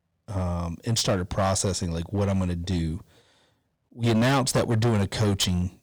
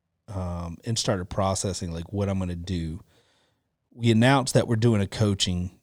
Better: second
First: distortion; heavy; 10% of the sound clipped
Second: none

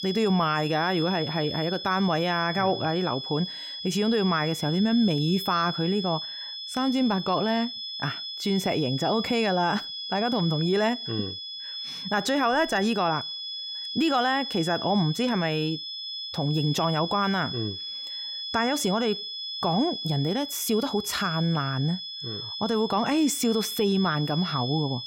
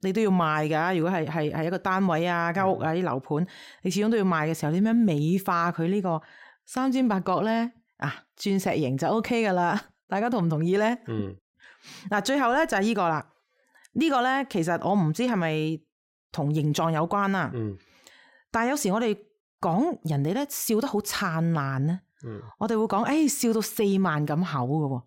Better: second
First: high-pitched whine; loud; throughout; 3.5 kHz, 6 dB below the speech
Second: none

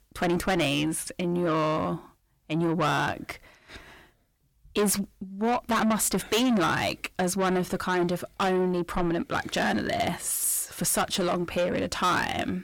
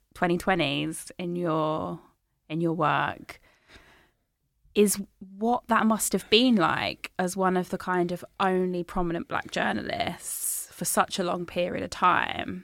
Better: second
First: distortion; heavy; 6 dB below the speech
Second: none

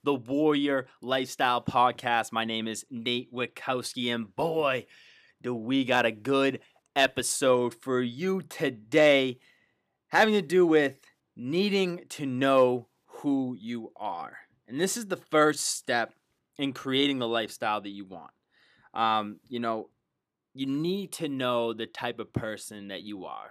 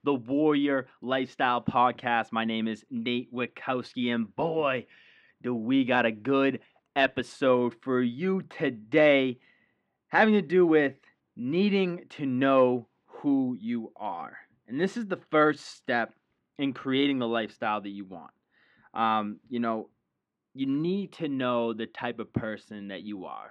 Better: first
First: none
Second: muffled; slightly; fading above 2.5 kHz

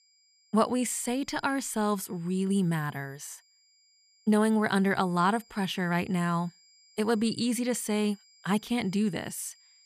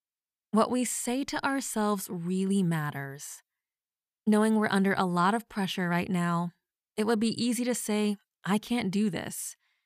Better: second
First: high-pitched whine; faint; throughout; 5 kHz, 30 dB below the speech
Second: none

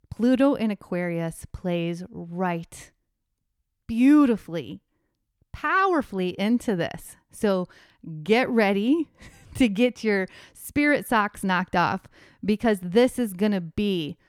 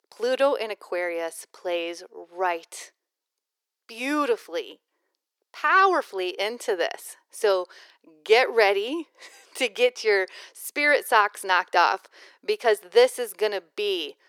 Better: first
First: none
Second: thin; very; fading below 400 Hz

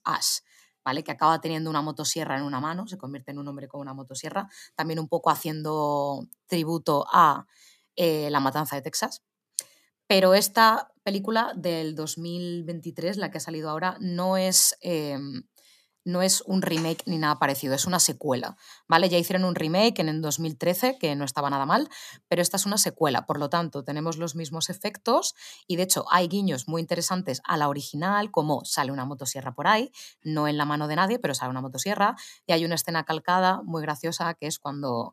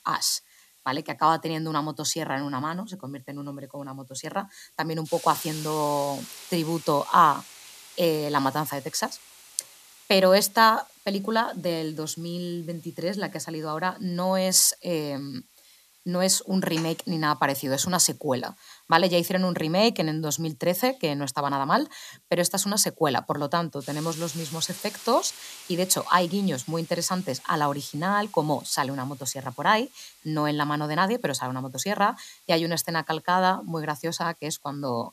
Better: first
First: none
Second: hiss; noticeable; throughout; 20 dB below the speech

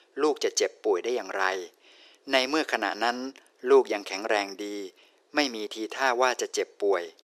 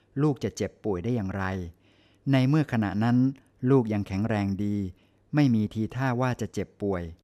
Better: second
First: thin; very; fading below 350 Hz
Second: none

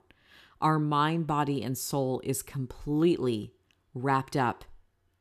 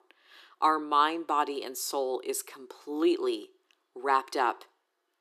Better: first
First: none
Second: thin; very; fading below 350 Hz

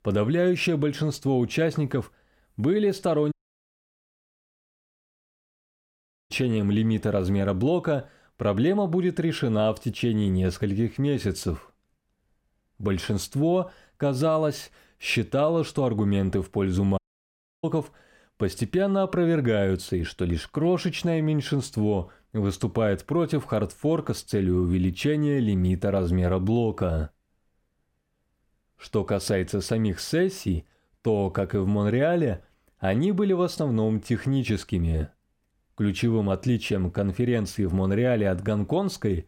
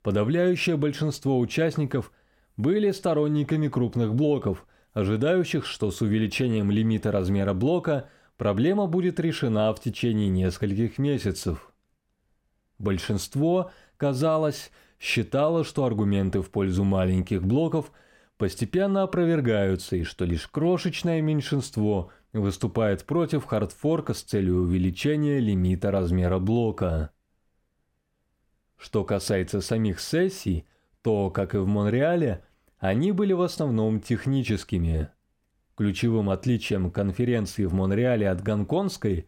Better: second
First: audio cutting out; at 3.5 s for 3 s and at 17 s for 0.5 s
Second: none

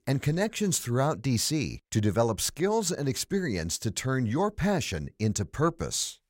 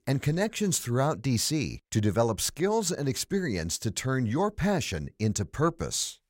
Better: neither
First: none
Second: none

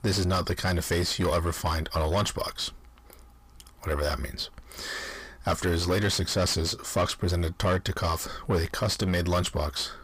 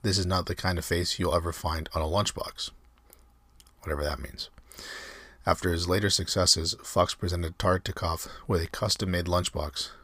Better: second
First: distortion; heavy; 7 dB below the speech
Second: none

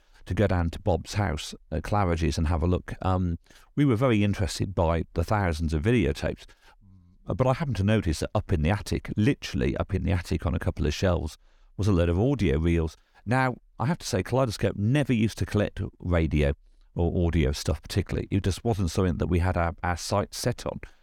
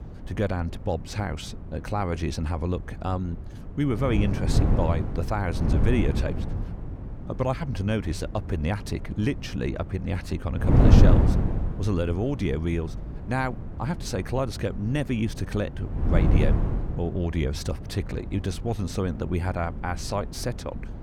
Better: first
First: none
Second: wind noise on the microphone; heavy; 5 dB below the speech

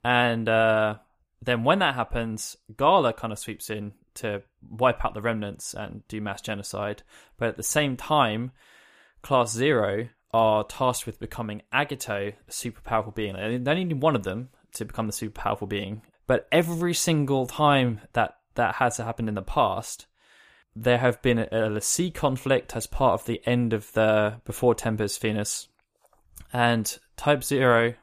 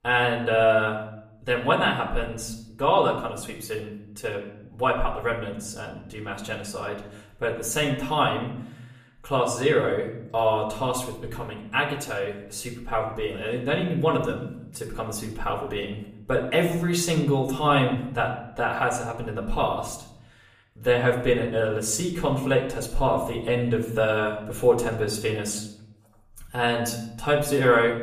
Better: first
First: none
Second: room echo; slight; dies away in 0.6 s // off-mic speech; far

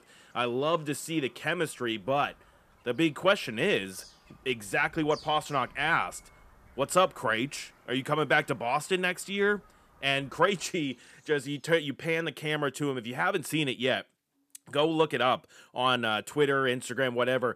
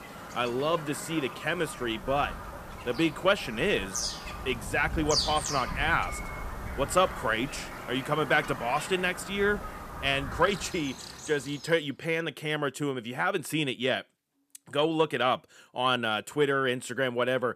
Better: first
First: animal sounds; faint; until 11 s; 30 dB below the speech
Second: animal sounds; loud; until 11 s; 8 dB below the speech

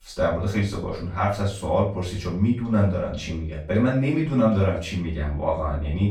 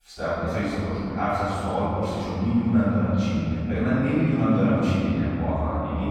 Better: first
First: room echo; slight; dies away in 0.3 s // off-mic speech; far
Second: room echo; strong; dies away in 3 s // off-mic speech; far

